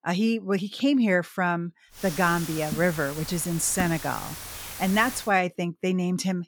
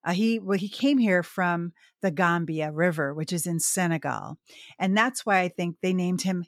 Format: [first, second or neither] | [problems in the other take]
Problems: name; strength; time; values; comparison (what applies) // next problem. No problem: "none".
second | hiss; noticeable; from 2 to 5 s; 10 dB below the speech